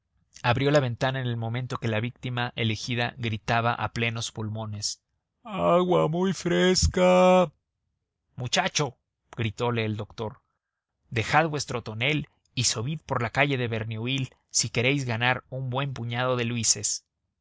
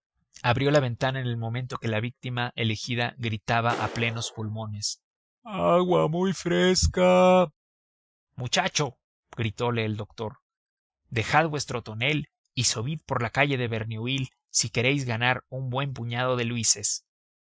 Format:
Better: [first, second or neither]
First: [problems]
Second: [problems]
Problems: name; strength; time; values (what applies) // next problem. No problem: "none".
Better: first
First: none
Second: noise reduction (classical method Wiener filter)